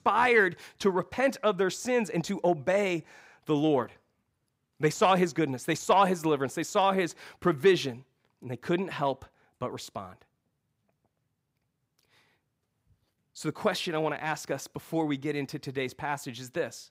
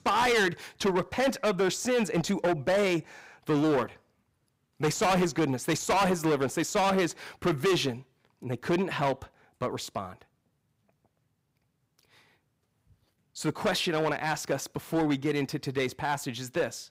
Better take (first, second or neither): first